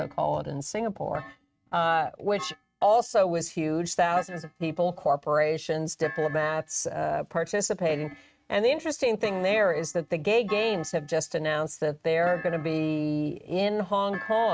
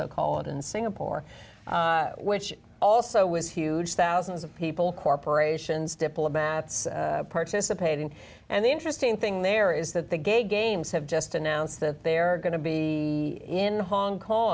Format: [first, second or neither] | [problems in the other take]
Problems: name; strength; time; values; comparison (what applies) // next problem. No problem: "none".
second | noise reduction (neural mask model RNNoise)